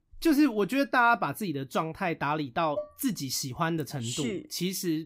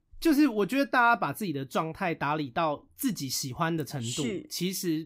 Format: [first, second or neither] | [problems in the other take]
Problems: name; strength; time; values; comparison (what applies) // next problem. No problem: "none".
second | clattering dishes; faint; at 3 s; peak 10 dB below the speech